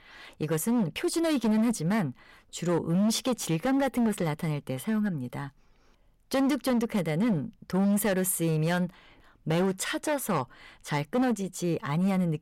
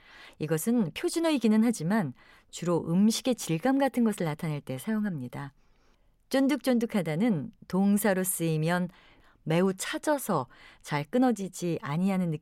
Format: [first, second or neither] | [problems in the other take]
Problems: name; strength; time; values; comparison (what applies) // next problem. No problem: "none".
second | distortion; slight; 12% of the sound clipped